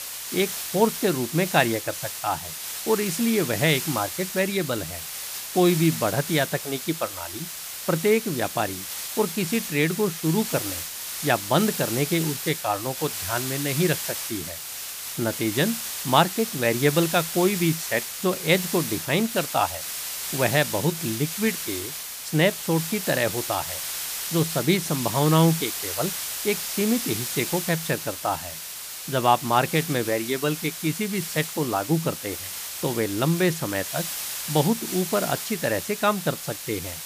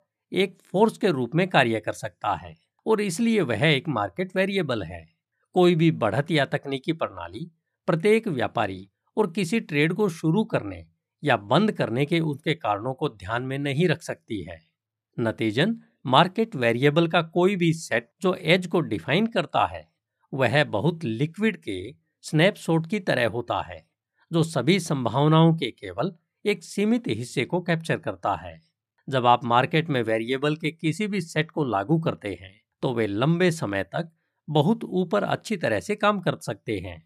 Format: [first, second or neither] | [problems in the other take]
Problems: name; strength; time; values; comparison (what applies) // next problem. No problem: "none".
second | hiss; loud; throughout; 5 dB below the speech